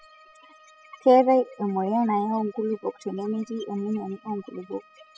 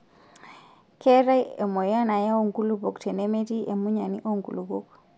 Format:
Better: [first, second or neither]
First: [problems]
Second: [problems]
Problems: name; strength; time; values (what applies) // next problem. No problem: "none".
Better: second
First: noise reduction (classical method spectral subtraction)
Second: none